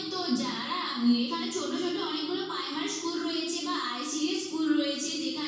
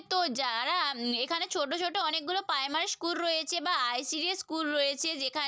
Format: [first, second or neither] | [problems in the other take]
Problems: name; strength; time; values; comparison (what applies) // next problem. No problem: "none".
second | room echo; dies away in 1.2 s